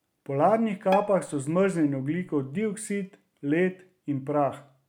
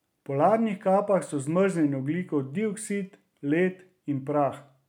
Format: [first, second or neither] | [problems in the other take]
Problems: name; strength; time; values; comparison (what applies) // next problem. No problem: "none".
second | background sound (Bowed string instrument); 12 dB below the speech